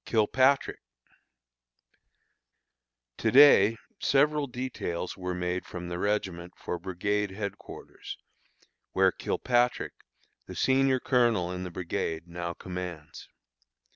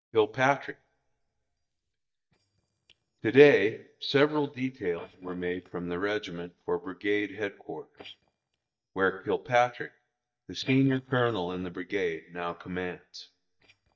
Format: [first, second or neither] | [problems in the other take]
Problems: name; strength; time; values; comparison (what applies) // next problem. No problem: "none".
first | noise reduction (neural mask model DeepFilterNet 3)